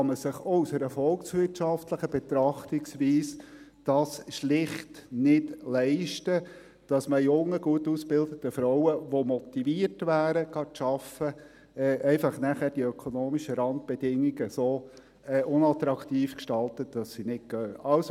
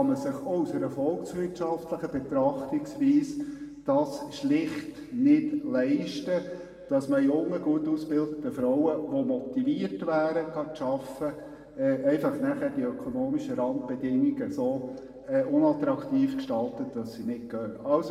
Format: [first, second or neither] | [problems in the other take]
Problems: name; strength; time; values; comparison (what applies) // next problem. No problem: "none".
first | room echo; dies away in 1.5 s